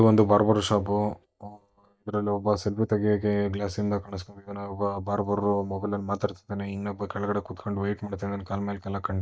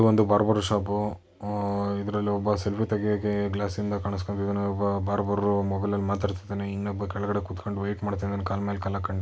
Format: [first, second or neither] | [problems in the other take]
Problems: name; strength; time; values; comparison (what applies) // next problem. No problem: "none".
second | noise reduction (neural mask model DeepFilterNet 3)